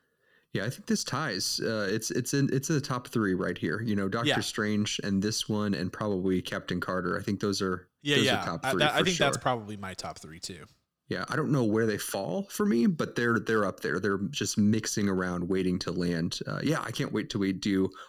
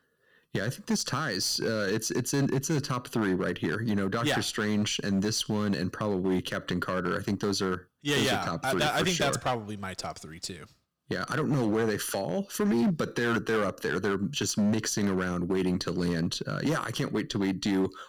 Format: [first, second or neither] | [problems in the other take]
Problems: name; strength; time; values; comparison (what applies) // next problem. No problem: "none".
first | distortion; slight; 8% of the sound clipped